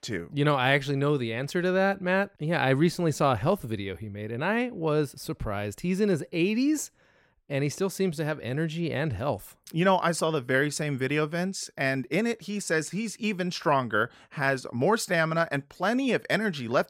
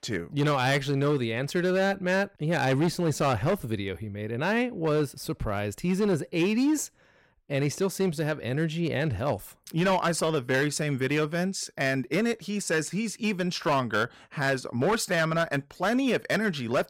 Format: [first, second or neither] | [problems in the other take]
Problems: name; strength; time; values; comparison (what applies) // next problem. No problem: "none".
first | distortion; slight; 7% of the sound clipped